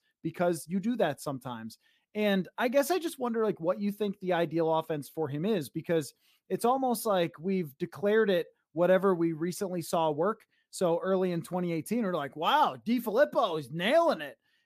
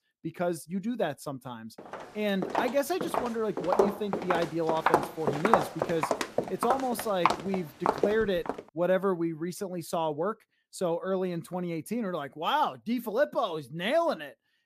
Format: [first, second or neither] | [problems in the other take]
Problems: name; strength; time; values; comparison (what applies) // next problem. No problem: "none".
first | footsteps; loud; from 2.5 to 8.5 s; peak 5 dB above the speech